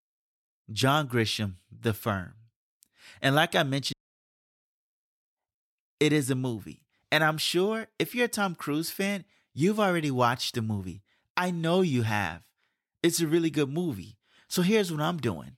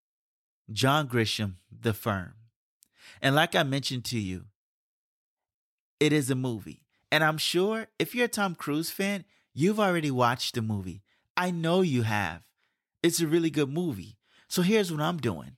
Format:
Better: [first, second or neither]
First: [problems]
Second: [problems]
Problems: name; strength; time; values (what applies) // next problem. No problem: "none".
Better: second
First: audio cutting out; at 4 s for 0.5 s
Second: none